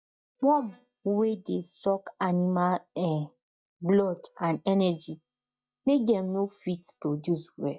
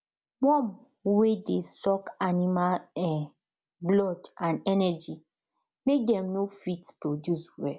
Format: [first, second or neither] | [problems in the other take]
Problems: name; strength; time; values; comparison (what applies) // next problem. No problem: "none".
second | noise reduction (neural mask model DeepFilterNet 3)